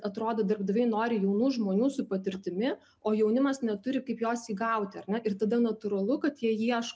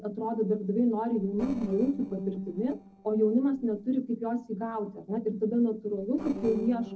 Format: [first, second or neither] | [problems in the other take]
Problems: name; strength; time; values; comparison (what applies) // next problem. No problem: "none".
first | noise reduction (neural separator model SepFormer DNS4)